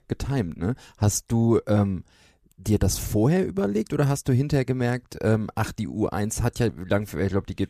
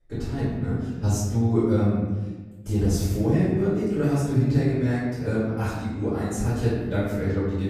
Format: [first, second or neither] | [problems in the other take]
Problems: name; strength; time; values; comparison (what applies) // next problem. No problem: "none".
first | off-mic speech; far // room echo; strong; dies away in 1.3 s